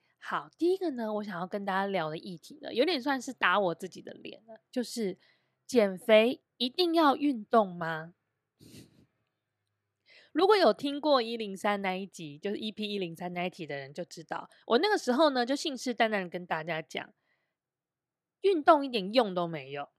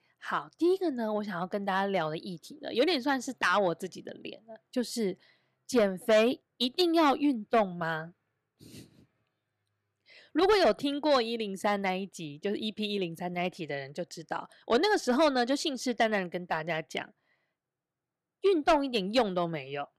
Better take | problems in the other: first | distortion; slight; 10 dB below the speech

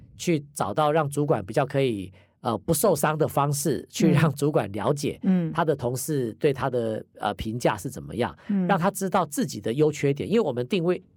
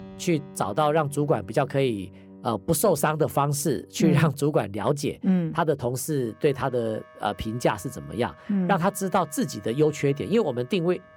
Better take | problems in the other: first | background music; faint; throughout; 25 dB below the speech

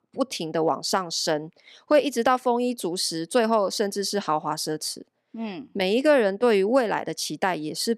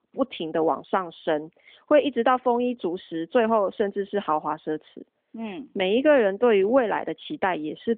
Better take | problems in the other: first | phone-call audio; nothing above 3 kHz

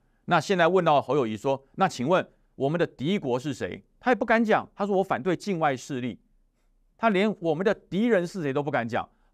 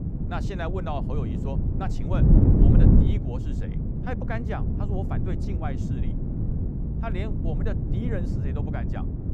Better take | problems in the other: first | wind noise on the microphone; heavy; 1 dB above the speech

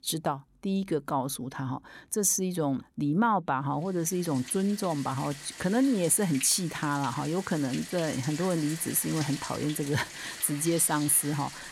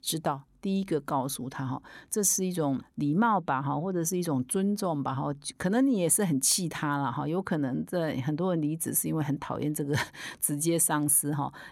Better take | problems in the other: second | household noises; noticeable; from 4 s on; 10 dB below the speech

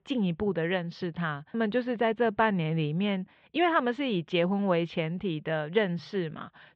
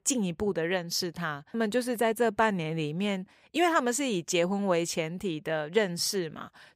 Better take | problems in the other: second | muffled; very; fading above 3.5 kHz

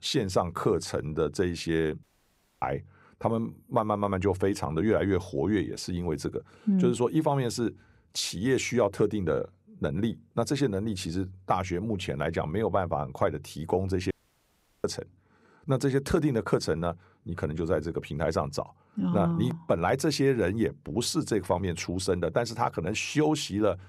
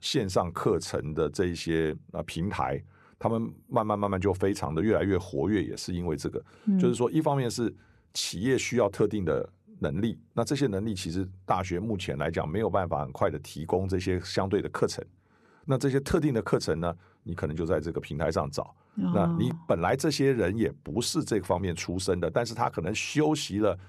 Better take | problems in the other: second | audio cutting out; at 2 s for 0.5 s and at 14 s for 0.5 s

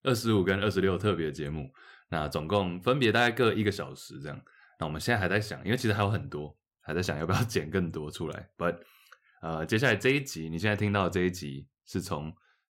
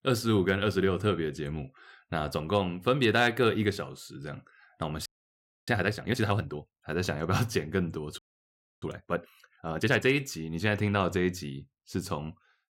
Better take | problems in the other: first | audio freezing; at 5 s for 0.5 s and at 8 s for 0.5 s

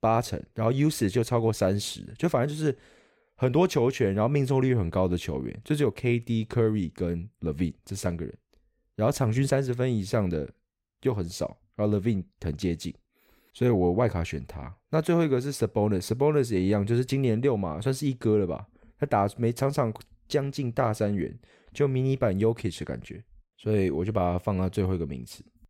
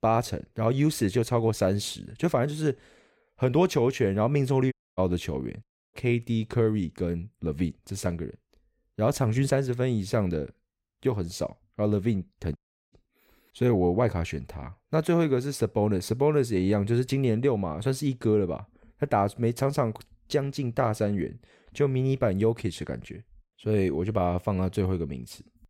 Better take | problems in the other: first | audio cutting out; at 4.5 s, at 5.5 s and at 13 s

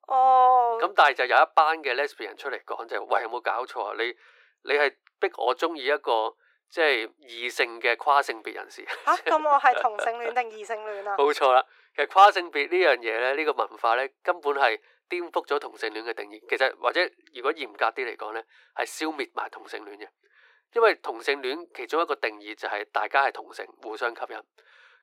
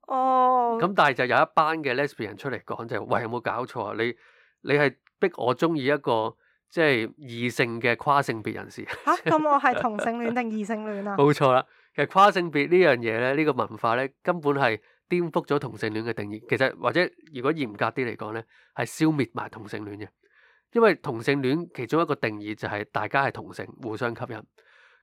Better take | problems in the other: second | thin; very; fading below 400 Hz

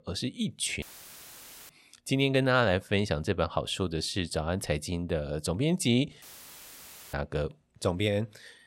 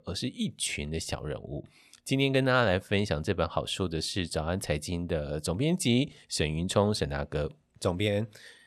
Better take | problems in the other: second | audio cutting out; filled with static; at 1 s for 1 s and at 6 s for 1 s

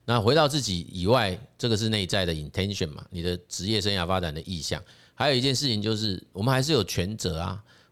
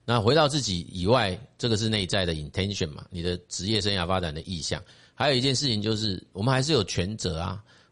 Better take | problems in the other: first | garbled, watery; slightly; nothing above 10.5 kHz

